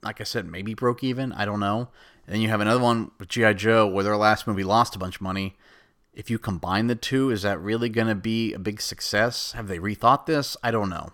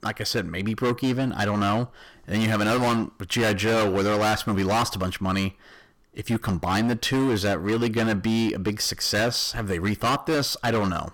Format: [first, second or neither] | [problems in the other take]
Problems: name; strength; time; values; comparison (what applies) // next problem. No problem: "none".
first | distortion; heavy; 18% of the sound clipped